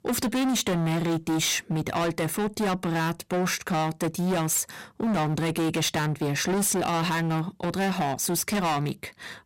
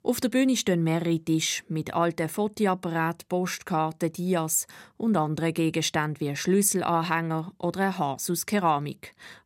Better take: second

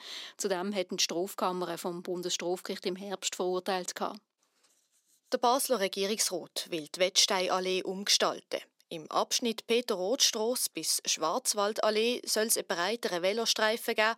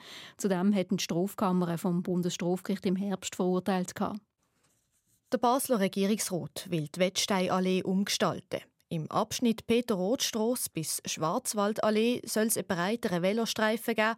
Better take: second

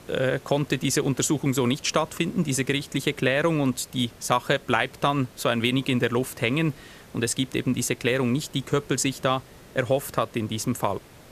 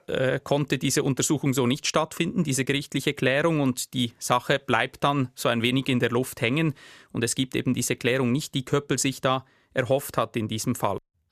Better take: second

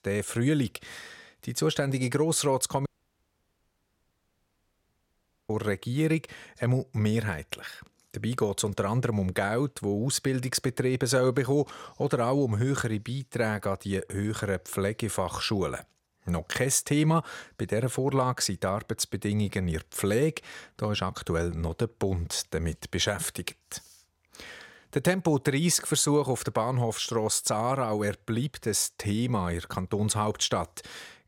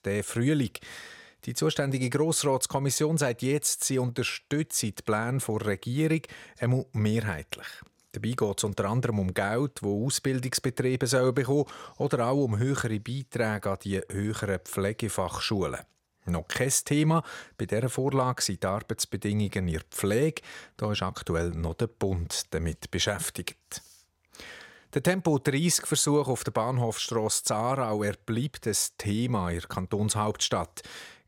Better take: second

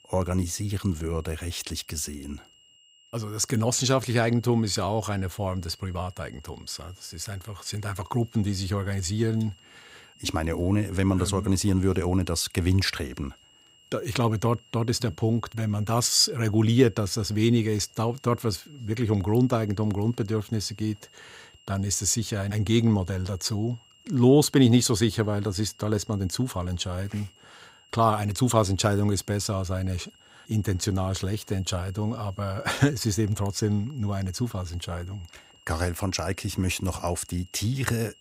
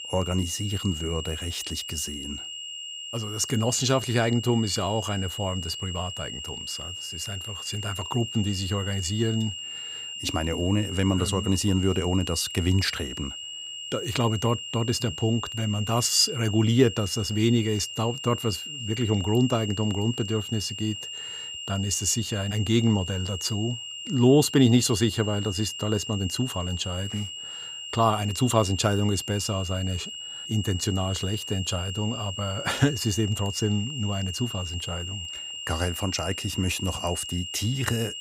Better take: first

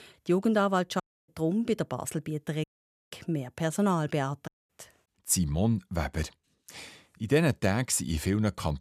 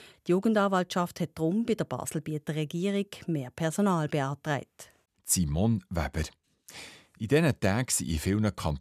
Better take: second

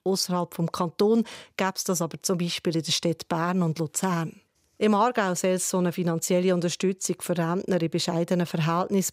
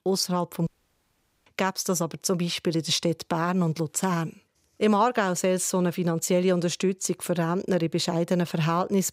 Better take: first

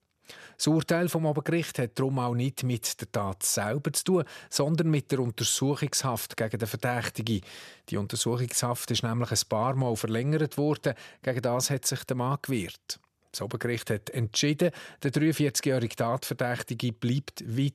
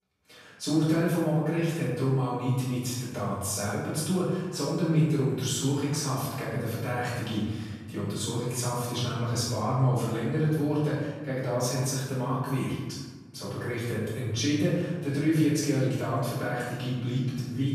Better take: first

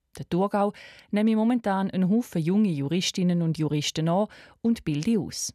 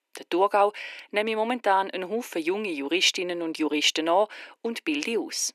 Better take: first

